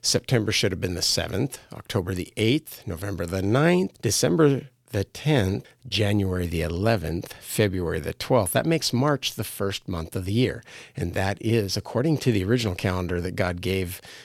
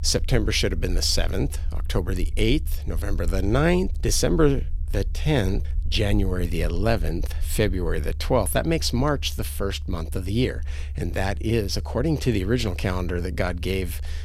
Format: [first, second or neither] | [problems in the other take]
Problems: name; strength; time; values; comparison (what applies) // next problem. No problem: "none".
first | low rumble; faint; throughout; 25 dB below the speech